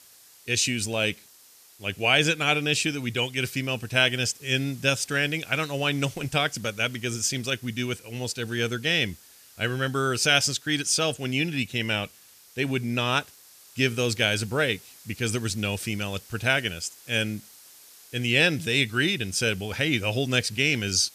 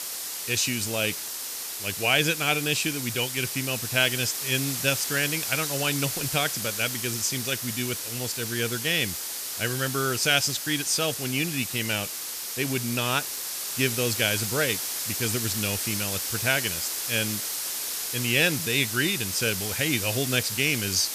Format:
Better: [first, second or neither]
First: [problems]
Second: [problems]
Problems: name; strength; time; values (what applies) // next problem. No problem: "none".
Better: first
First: hiss; faint; throughout; 25 dB below the speech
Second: hiss; loud; throughout; 3 dB below the speech